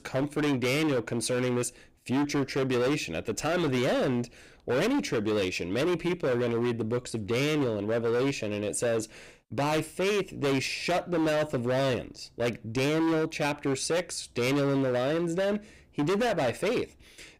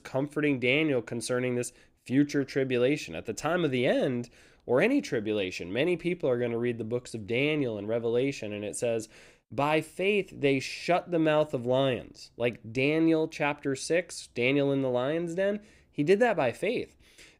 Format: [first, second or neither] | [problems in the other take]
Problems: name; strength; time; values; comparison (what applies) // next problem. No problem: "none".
second | distortion; heavy; 23% of the sound clipped